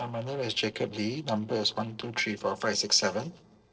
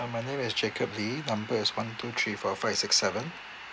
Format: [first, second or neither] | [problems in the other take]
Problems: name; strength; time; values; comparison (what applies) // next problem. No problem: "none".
second | noise reduction (neural separator model SepFormer DNS4)